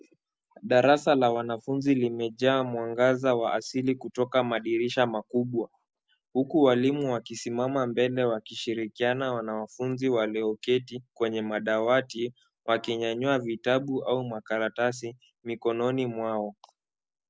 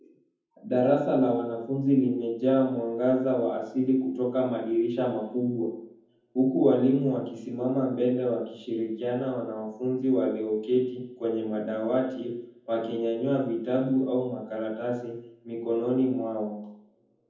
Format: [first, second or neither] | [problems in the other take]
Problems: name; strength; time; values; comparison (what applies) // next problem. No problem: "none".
first | room echo; dies away in 0.7 s